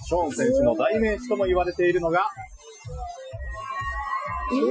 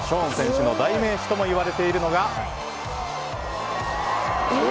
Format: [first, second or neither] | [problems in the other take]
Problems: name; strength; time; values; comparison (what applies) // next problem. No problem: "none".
second | noise reduction (classical method Wiener filter)